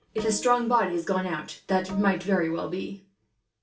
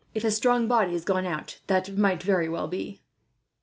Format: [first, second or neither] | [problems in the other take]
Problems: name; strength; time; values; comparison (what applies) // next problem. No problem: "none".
second | background sound (Bowed string instrument); 20 dB below the speech // room echo; dies away in 0.2 s